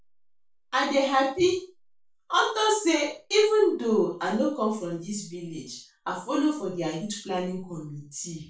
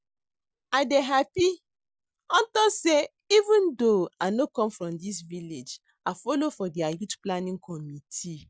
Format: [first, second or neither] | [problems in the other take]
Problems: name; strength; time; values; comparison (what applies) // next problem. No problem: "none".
second | room echo; dies away in 0.3 s